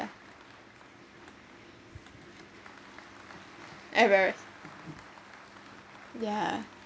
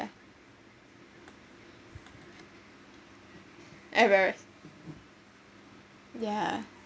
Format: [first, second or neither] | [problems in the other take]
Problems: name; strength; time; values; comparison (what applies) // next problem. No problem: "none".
second | background sound (Applause); 18 dB below the speech